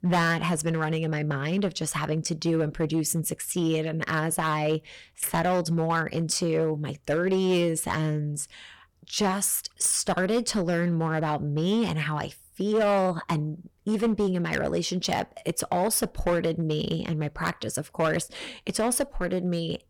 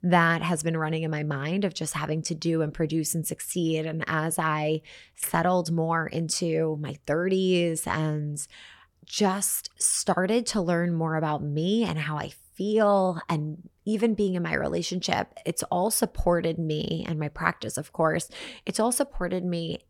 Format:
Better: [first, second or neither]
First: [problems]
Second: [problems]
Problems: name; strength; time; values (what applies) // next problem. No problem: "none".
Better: second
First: distortion; slight; 6% of the sound clipped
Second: none